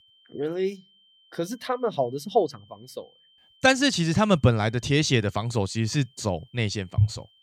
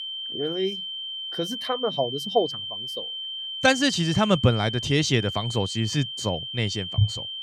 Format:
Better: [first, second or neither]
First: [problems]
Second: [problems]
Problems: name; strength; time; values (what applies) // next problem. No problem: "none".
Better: first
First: high-pitched whine; faint; throughout; 3 kHz, 35 dB below the speech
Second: high-pitched whine; loud; throughout; 3 kHz, 6 dB below the speech